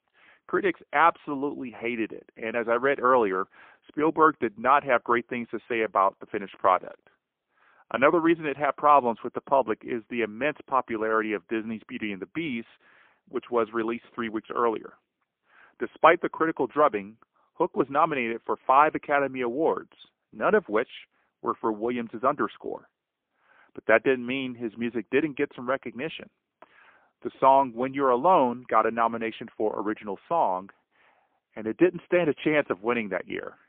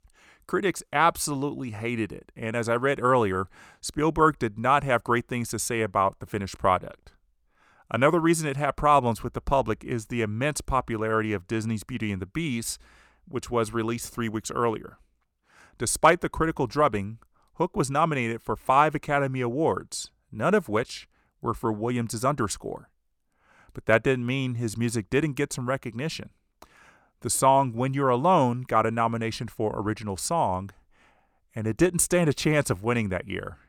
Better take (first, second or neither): second